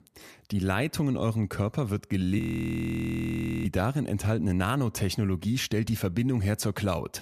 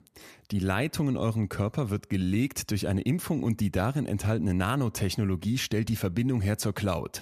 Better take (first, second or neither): second